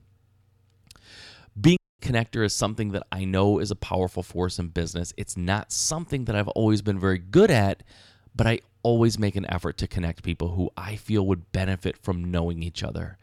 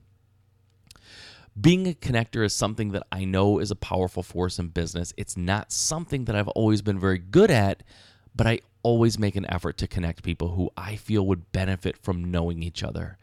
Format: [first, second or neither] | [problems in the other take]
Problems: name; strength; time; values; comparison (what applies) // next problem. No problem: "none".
second | audio cutting out; at 2 s